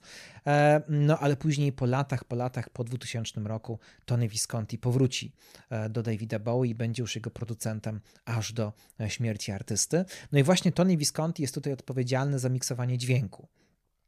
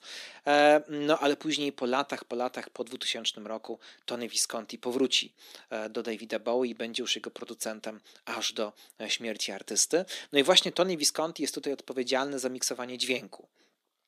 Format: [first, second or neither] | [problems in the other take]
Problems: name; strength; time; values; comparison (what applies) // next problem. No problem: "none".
first | thin; somewhat; fading below 250 Hz